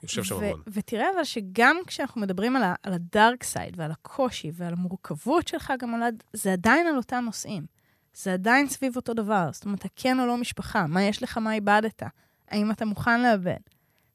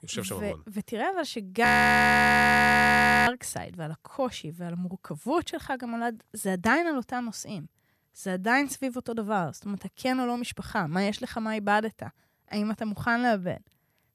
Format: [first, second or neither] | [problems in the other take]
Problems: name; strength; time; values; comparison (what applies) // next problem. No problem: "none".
first | audio freezing; at 1.5 s for 1.5 s